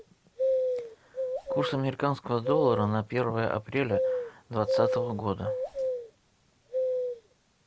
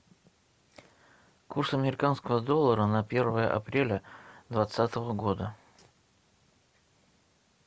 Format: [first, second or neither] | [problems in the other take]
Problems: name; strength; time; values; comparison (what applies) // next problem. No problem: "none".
second | background sound (Bird vocalization, bird call, bird song); as loud as the speech